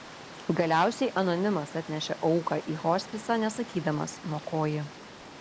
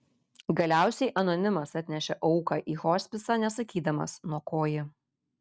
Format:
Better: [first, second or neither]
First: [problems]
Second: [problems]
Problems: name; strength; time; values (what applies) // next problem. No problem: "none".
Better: second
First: background sound (Water); 15 dB below the speech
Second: none